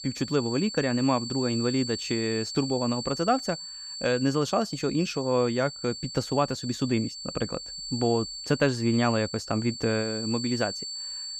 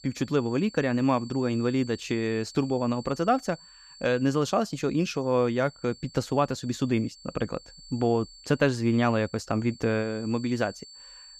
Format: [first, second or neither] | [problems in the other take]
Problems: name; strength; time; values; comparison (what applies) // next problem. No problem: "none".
second | high-pitched whine; loud; throughout; 4.5 kHz, 7 dB below the speech; faint in the second